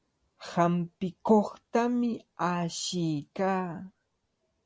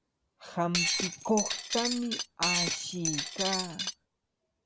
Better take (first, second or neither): first